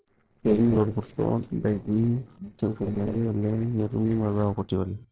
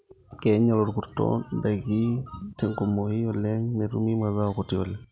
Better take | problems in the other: second | noise reduction (neural separator model SepFormer DNS4)

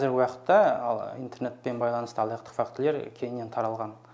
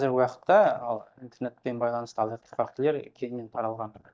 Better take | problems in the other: first | noise reduction (neural mask model DeepFilterNet 3)

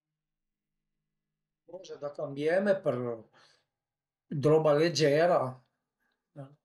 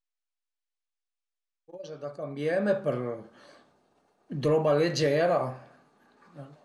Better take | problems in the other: second | noise reduction (neural mask model DeepFilterNet 3)

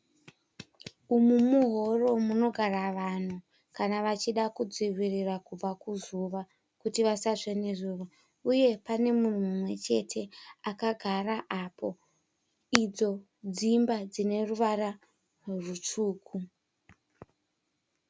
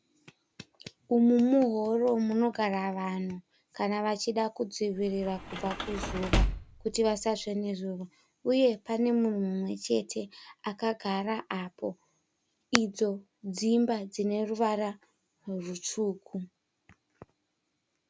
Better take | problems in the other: first | background sound (Sliding door / Slam); 2 dB below the speech

